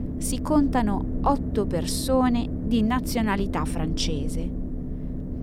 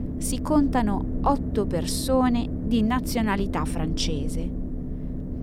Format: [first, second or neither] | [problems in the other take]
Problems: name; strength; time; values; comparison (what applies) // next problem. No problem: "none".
neither | low rumble; noticeable; throughout; 10 dB below the speech; the same in both